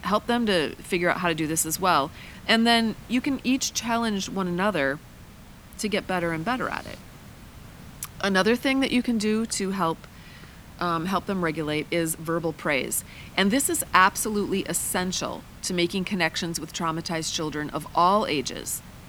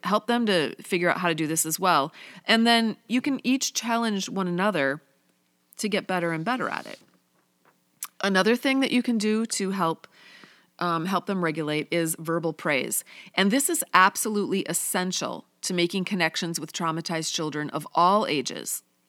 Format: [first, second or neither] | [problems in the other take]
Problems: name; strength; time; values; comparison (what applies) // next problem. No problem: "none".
second | hiss; faint; throughout; 20 dB below the speech